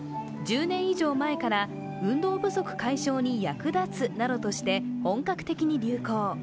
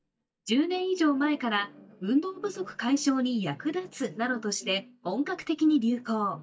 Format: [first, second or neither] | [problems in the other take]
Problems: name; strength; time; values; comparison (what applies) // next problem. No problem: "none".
first | noise reduction (neural mask model DeepFilterNet 3)